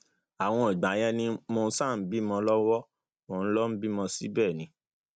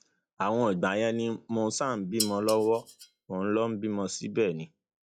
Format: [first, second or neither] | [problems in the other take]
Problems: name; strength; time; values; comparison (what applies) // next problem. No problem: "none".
first | noise reduction (classical method log-MMSE)